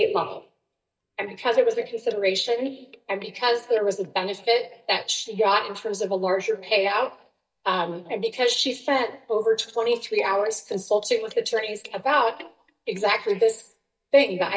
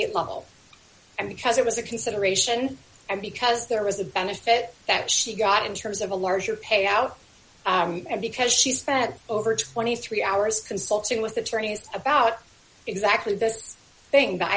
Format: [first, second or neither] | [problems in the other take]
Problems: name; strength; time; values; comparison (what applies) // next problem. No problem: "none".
second | noise reduction (neural mask model DeepFilterNet 3)